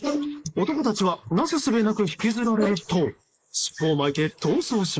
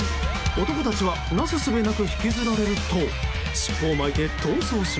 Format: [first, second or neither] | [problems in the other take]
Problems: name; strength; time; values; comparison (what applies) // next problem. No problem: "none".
second | noise reduction (neural mask model Resemble Enhance denoiser)